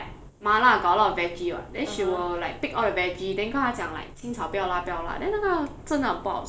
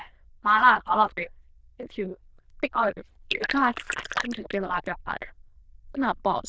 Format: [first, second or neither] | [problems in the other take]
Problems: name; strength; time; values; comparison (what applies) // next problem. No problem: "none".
first | noise reduction (neural diffusion model UNIVERSE++)